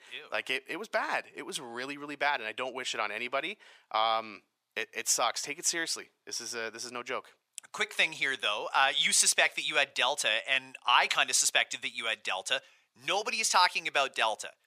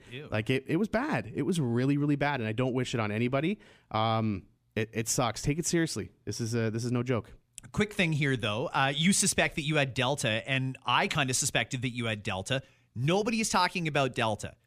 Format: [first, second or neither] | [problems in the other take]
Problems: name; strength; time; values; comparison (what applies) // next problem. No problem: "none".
second | thin; very; fading below 800 Hz